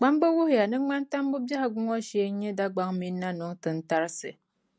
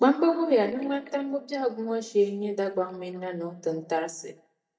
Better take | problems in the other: first | noise reduction (neural mask model DeepFilterNet 3)

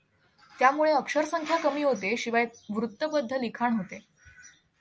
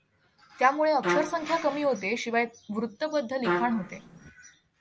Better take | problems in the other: first | background sound (Trumpet); 3 dB below the speech

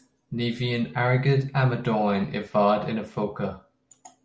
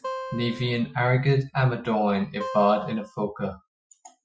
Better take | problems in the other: first | noise reduction (classical method Wiener filter)

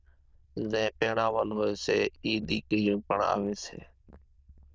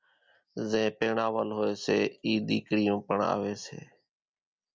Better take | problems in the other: second | noise reduction (neural diffusion model UNIVERSE++)

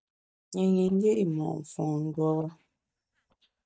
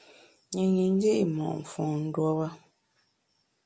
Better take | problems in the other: second | noise reduction (neural mask model DeepFilterNet 3)

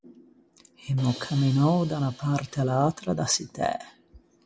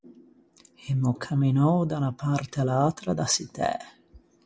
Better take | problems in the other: second | background sound (Crash cymbal); 19 dB below the speech

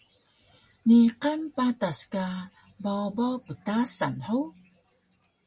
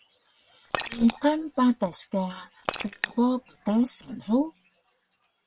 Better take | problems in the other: first | noise reduction (neural separator model SepFormer WHAM!)

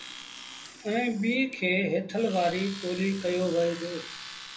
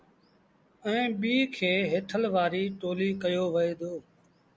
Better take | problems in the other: second | background sound (Domestic sounds, home sounds); 14 dB below the speech // room echo; dies away in 0.3 s

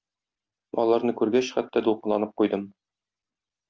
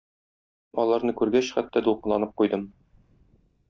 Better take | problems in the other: first | noise reduction (neural mask model DeepFilterNet 3)

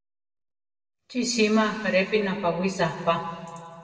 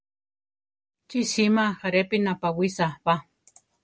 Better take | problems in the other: second | room echo; dies away in 2 s

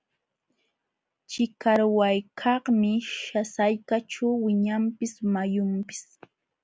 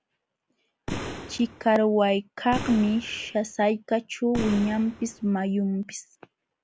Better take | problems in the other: first | background sound (Boom); 10 dB below the speech

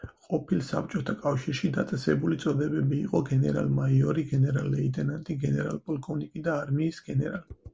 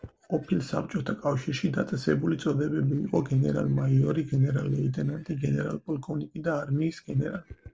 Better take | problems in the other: first | noise reduction (neural separator model SepFormer DNS4)

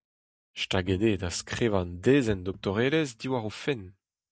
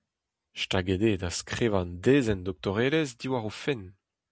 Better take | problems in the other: second | noise reduction (neural mask model DeepFilterNet 3)

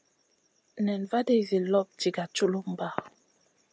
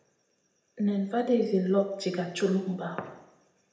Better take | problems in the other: first | room echo; dies away in 0.8 s

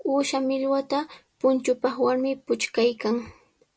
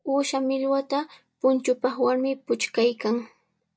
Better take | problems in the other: first | noise reduction (neural mask model DeepFilterNet 3)

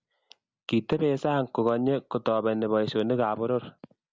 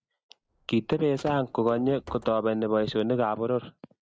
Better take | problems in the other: first | noise reduction (neural mask model RNNoise)

